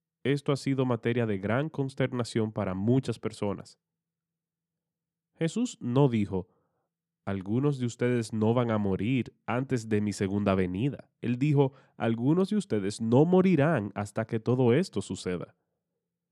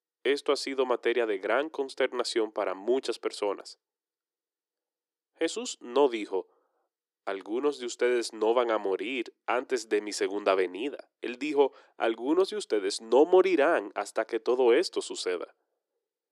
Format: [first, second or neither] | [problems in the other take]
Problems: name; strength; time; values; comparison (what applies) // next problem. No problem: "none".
first | thin; very; fading below 350 Hz